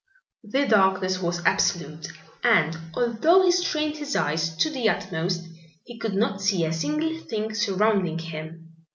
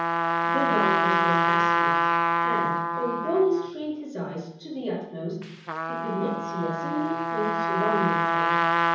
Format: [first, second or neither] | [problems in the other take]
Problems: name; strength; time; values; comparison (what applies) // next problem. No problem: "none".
first | background sound (Trumpet); 5 dB above the speech // room echo; dies away in 0.7 s